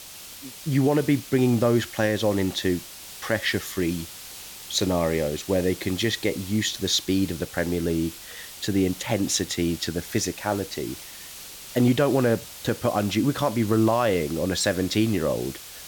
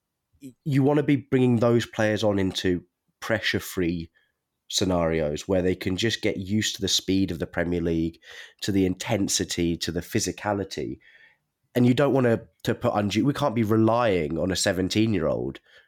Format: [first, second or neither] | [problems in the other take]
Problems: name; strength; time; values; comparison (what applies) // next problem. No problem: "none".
second | hiss; noticeable; throughout; 15 dB below the speech